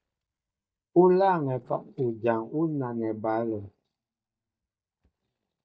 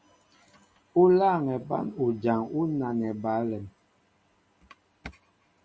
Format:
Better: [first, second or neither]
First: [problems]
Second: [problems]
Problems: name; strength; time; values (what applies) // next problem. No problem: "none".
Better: second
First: noise reduction (neural mask model DeepFilterNet 3)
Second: none